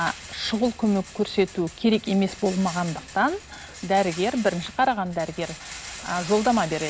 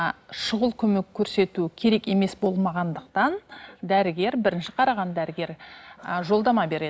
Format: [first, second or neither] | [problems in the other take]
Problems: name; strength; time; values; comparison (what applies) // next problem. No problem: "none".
second | background sound (Rattle); 15 dB below the speech